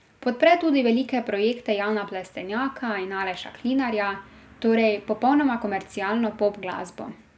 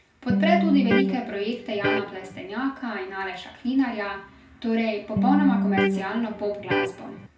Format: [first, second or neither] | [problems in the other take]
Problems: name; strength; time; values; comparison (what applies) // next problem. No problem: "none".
first | background sound (Electric guitar); 2 dB above the speech // room echo; dies away in 0.4 s